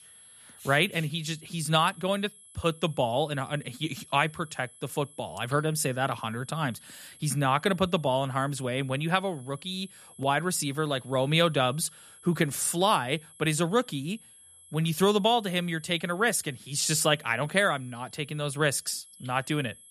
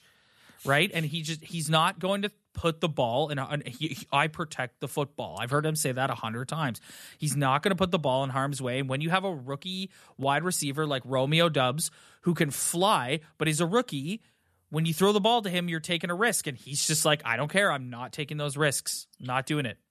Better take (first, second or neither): second